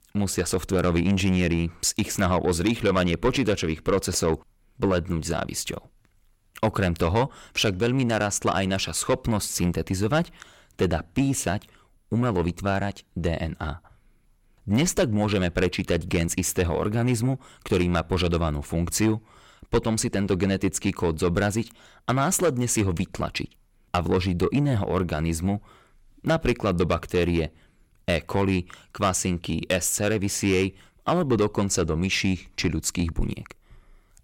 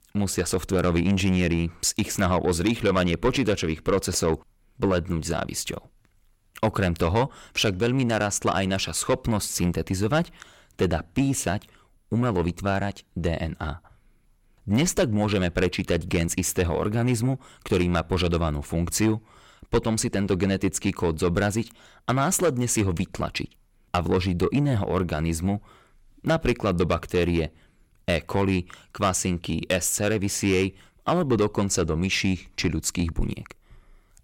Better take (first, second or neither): neither